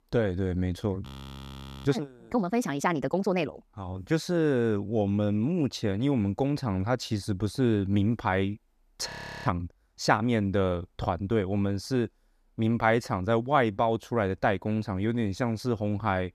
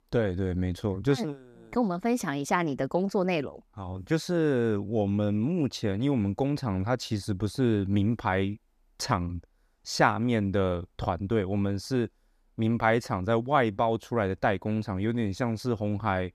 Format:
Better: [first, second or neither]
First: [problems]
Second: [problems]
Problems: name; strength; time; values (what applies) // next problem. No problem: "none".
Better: second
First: audio freezing; at 1 s for 1 s and at 9 s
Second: none